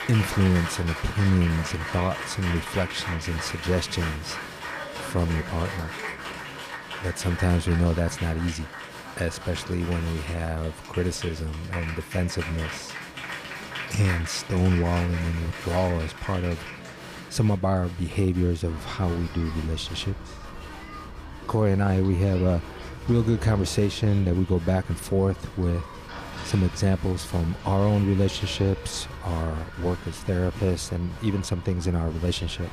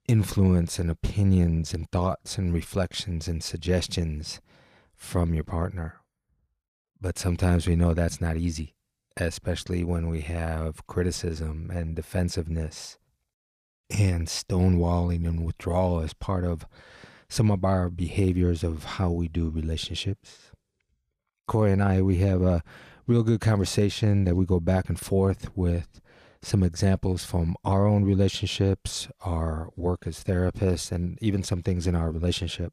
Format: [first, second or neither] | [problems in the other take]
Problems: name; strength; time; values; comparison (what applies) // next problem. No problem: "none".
second | crowd noise; loud; throughout; 10 dB below the speech